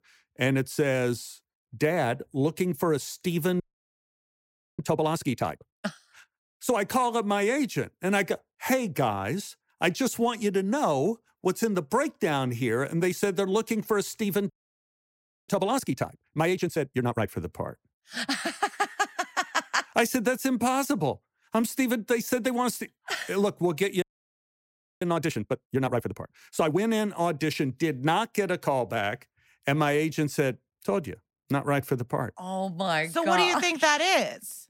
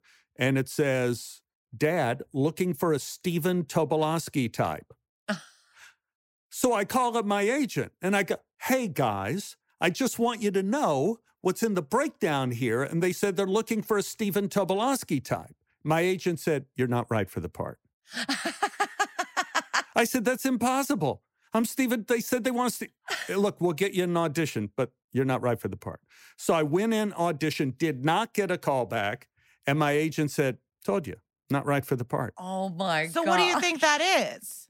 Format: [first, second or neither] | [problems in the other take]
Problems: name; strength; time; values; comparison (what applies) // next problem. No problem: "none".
second | audio freezing; at 3.5 s for 1 s, at 15 s for 1 s and at 24 s for 1 s